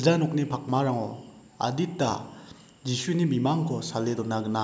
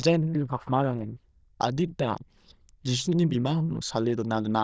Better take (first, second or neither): first